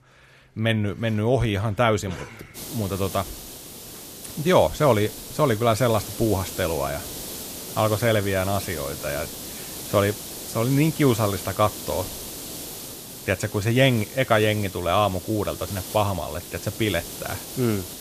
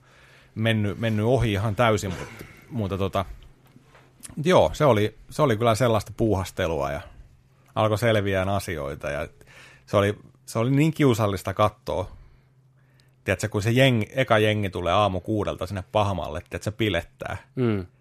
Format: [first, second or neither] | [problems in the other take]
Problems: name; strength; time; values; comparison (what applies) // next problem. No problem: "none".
second | hiss; noticeable; from 2.5 s on; 10 dB below the speech